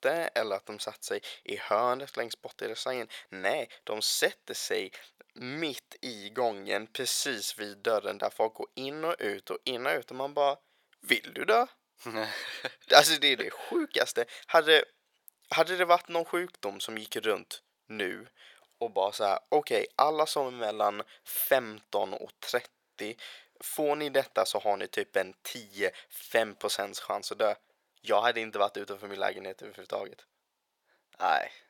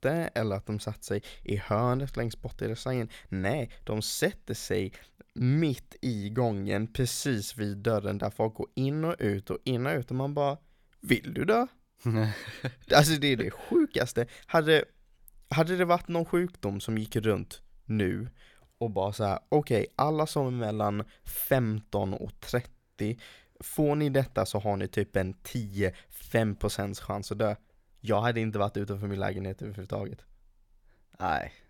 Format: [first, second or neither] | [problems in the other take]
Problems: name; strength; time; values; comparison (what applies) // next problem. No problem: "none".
second | thin; very; fading below 600 Hz